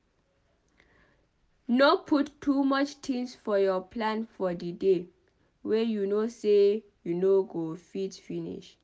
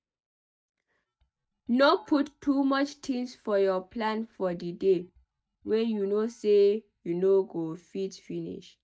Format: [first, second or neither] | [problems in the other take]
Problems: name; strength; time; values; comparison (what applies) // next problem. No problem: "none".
first | noise reduction (neural mask model DeepFilterNet 3)